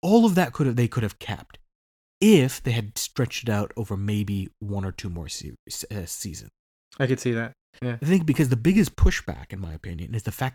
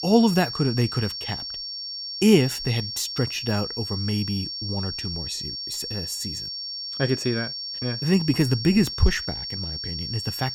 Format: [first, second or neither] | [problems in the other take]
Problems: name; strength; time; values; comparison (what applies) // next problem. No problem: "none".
first | high-pitched whine; loud; throughout; 5.5 kHz, 5 dB below the speech